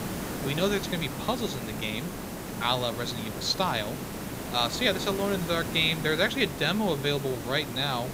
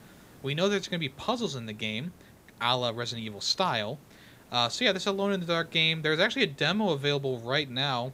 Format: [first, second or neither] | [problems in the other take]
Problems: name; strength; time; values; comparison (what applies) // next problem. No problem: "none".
second | hiss; loud; throughout; 7 dB below the speech; faint in the second